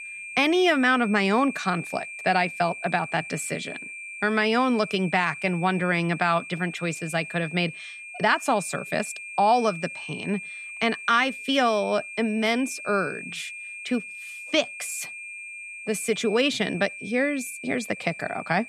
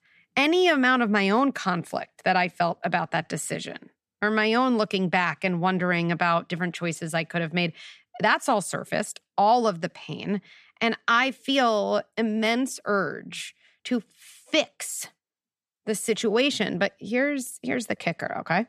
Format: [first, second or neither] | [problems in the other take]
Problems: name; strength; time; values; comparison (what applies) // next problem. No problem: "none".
second | high-pitched whine; noticeable; throughout; 2.5 kHz, 10 dB below the speech